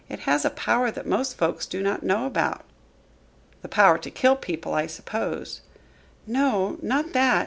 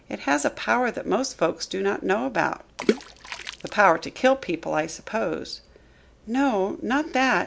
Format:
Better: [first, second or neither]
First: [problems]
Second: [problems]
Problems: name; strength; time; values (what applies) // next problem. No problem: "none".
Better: first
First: none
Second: background sound (Water / Splash, splatter); 8 dB below the speech